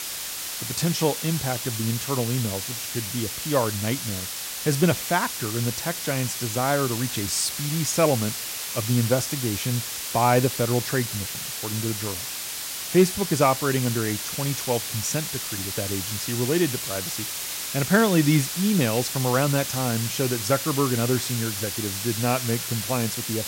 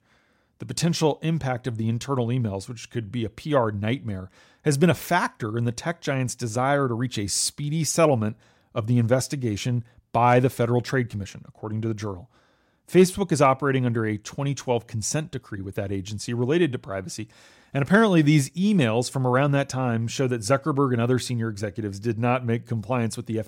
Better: second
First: hiss; loud; throughout; 3 dB below the speech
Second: none

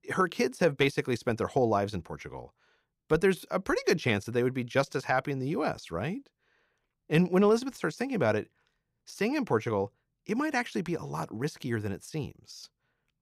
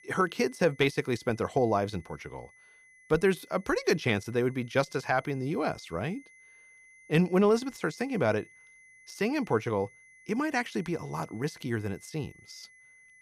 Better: first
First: none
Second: high-pitched whine; faint; throughout; 2 kHz, 25 dB below the speech

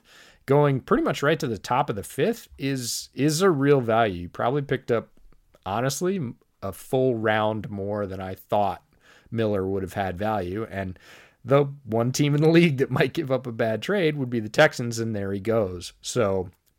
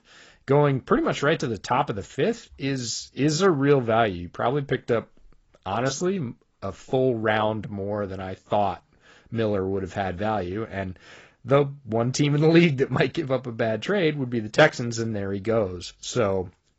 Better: first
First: none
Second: garbled, watery; badly; nothing above 7.5 kHz

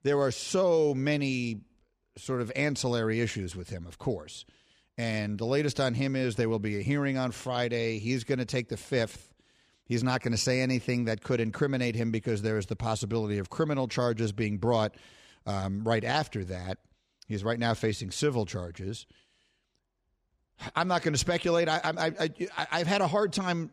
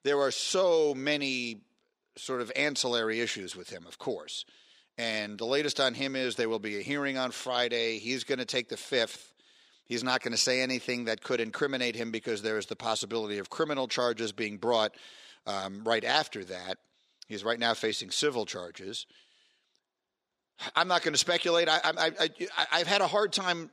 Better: first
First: none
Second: thin; somewhat; fading below 350 Hz

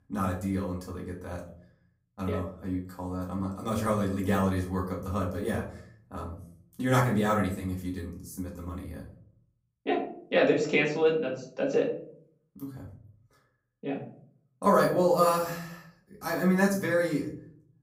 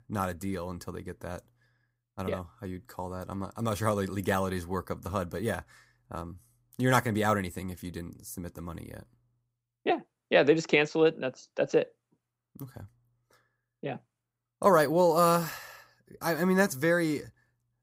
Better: second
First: off-mic speech; far // room echo; slight; dies away in 0.5 s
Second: none

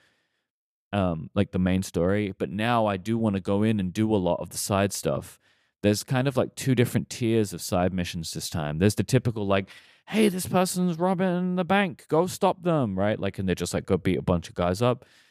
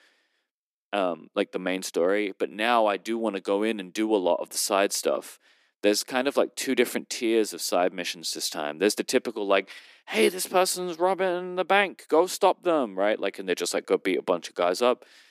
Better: first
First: none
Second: thin; somewhat; fading below 250 Hz

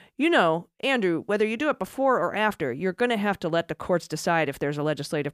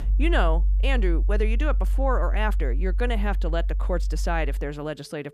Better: first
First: none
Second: background music; very loud; throughout; 4 dB above the speech

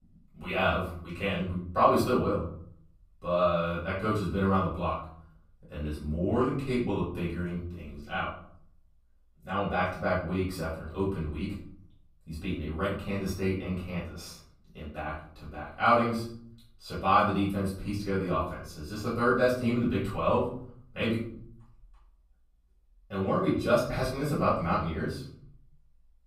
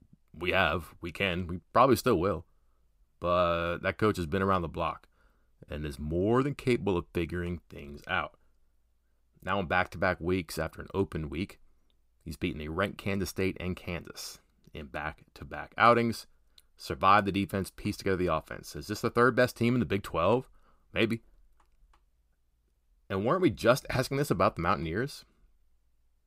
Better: second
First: off-mic speech; far // room echo; noticeable; dies away in 0.6 s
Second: none

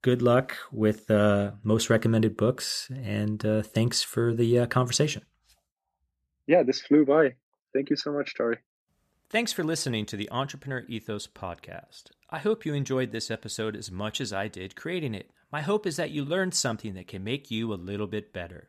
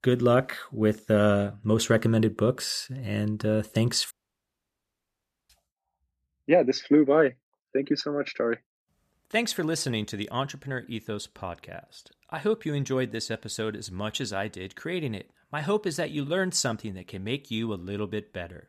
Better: first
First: none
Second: audio cutting out; at 4 s for 1.5 s

